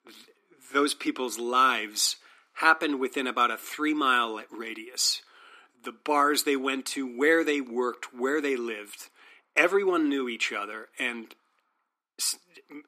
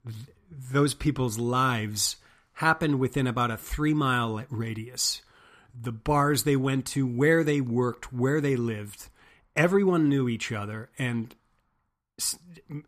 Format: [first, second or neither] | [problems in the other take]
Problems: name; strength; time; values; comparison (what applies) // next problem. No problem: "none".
second | thin; somewhat; fading below 250 Hz